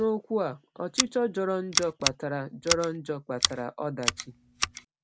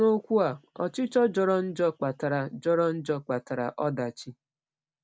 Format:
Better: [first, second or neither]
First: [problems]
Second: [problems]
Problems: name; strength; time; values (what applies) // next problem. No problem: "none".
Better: second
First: background sound (Scissors); 2 dB below the speech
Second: none